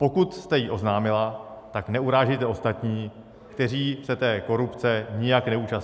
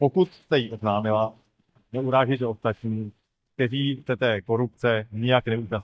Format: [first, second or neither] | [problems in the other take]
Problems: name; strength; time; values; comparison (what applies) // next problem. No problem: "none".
first | noise reduction (neural mask model DeepFilterNet 3)